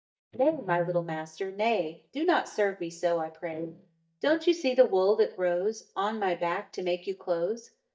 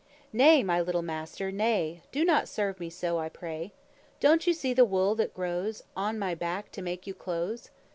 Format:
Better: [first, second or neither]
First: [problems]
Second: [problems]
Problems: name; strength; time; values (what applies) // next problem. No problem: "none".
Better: second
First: noise reduction (neural mask model DeepFilterNet 3)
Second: none